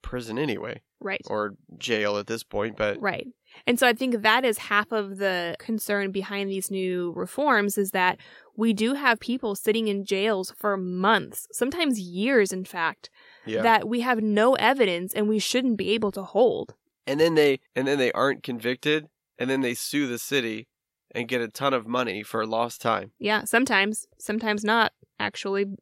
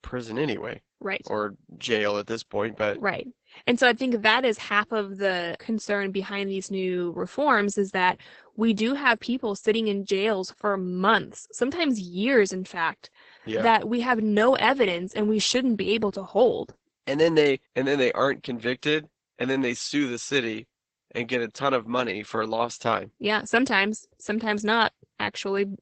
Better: first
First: none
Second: garbled, watery; badly; nothing above 8 kHz

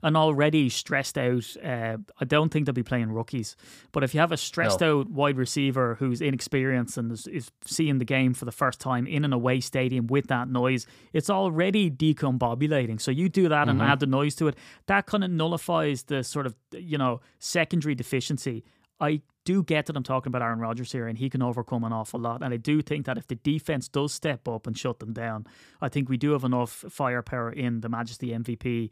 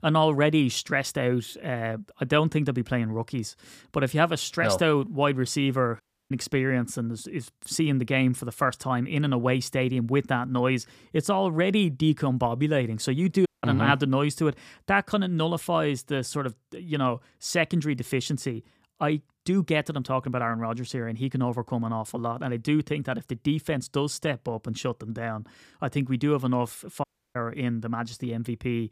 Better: first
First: none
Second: audio cutting out; at 6 s, at 13 s and at 27 s

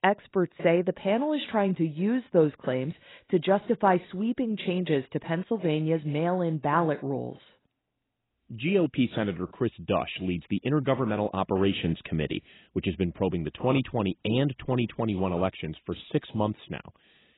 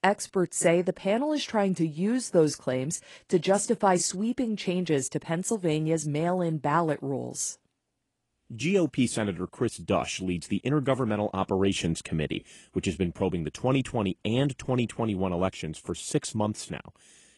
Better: second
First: garbled, watery; badly; nothing above 4 kHz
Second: garbled, watery; slightly; nothing above 10.5 kHz

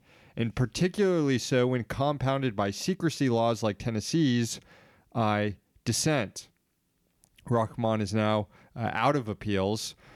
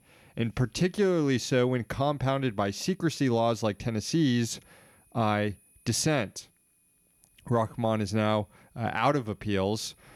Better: first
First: none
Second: high-pitched whine; faint; throughout; 10 kHz, 35 dB below the speech

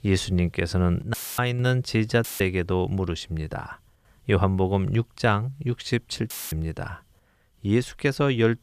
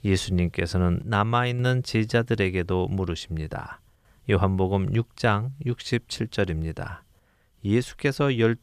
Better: second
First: audio cutting out; filled with static; at 1 s, at 2 s and at 6.5 s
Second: none

